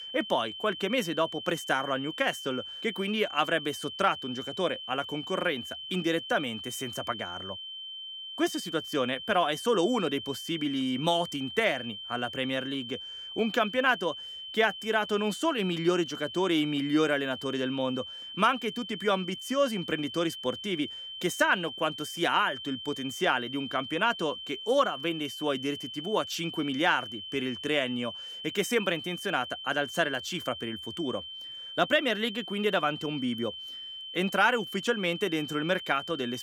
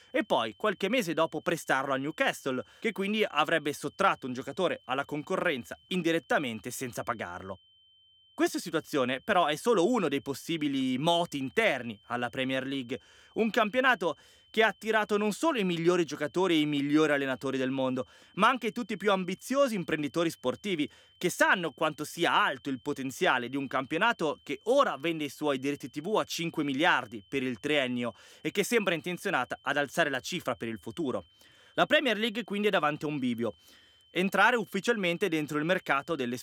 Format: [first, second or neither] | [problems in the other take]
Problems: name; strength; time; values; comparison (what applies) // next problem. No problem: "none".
second | high-pitched whine; loud; throughout; 3 kHz, 9 dB below the speech; faint in the second